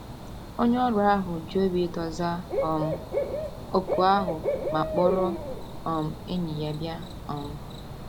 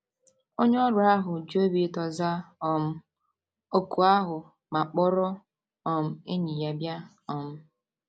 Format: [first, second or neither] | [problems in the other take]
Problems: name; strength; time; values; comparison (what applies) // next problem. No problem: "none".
second | background sound (Cricket / Bird); 5 dB below the speech